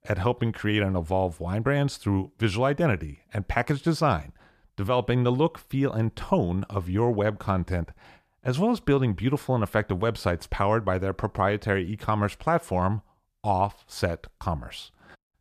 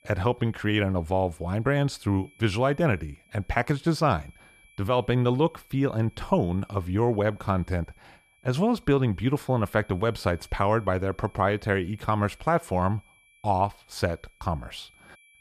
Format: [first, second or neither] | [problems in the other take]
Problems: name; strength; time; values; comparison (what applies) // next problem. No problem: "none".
first | high-pitched whine; faint; throughout; 2.5 kHz, 30 dB below the speech